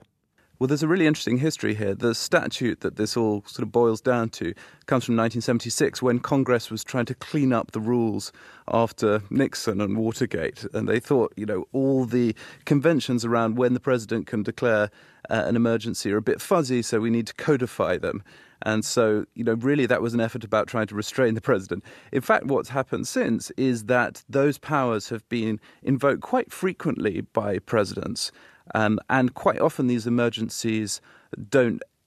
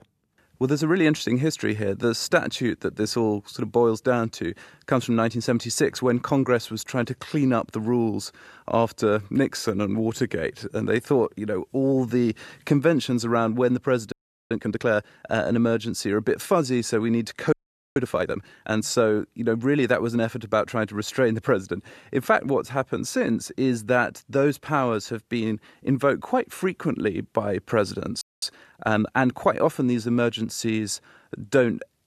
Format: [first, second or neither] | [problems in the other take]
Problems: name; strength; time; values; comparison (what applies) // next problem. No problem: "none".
first | audio freezing; at 14 s, at 18 s and at 28 s